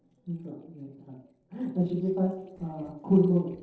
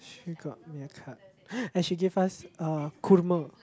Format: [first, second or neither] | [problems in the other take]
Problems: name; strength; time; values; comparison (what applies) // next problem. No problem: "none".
second | noise reduction (neural separator model SepFormer DNS4)